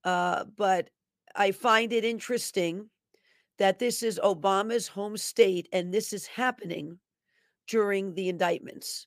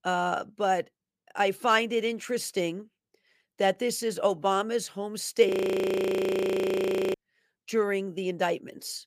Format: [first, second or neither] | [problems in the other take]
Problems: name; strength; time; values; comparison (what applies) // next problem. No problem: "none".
first | audio freezing; at 5.5 s for 1.5 s